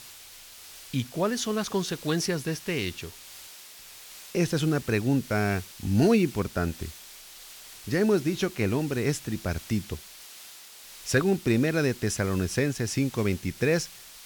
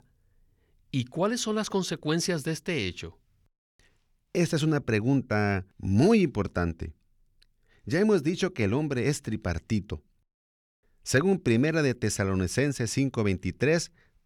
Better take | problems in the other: second | hiss; noticeable; throughout; 15 dB below the speech

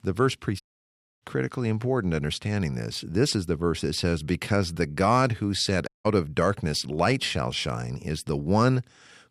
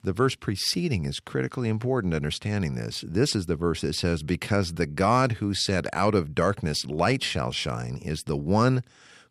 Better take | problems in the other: second | audio cutting out; at 0.5 s for 0.5 s and at 6 s

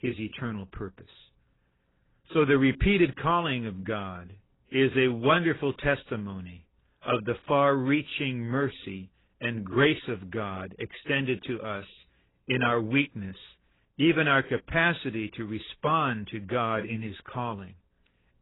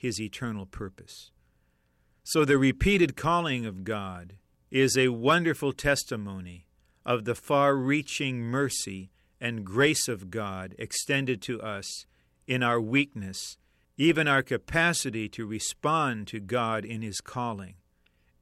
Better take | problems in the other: second | garbled, watery; badly; nothing above 3.5 kHz

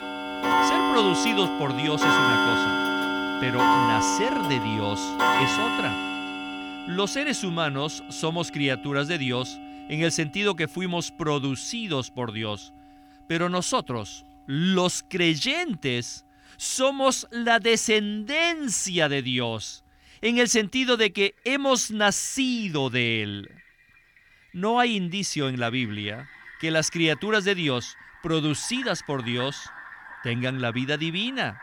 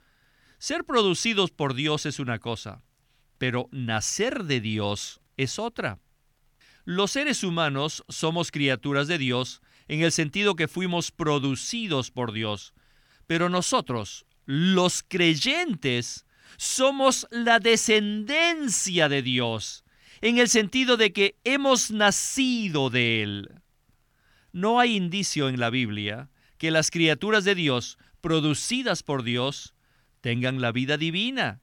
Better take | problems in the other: second | household noises; very loud; throughout; as loud as the speech

